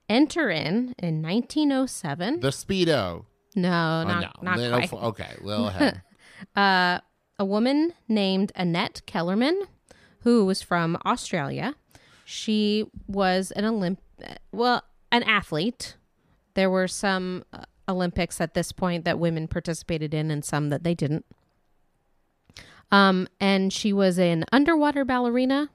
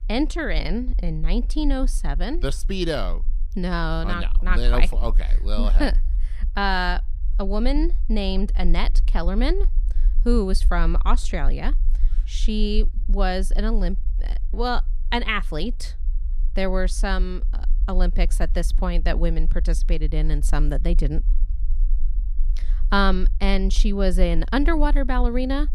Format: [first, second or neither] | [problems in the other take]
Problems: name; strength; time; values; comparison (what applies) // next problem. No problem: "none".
first | low rumble; faint; throughout; 25 dB below the speech